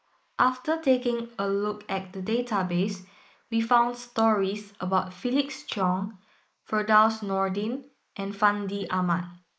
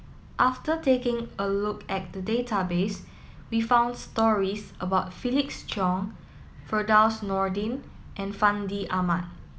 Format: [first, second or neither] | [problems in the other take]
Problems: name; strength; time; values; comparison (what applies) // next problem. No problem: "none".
second | noise reduction (neural mask model Resemble Enhance denoiser)